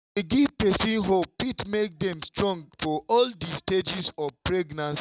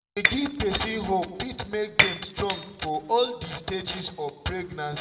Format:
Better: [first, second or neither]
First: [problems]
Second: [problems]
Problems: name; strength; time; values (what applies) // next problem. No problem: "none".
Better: first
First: none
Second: background sound (Shatter); 1 dB below the speech // room echo; dies away in 1 s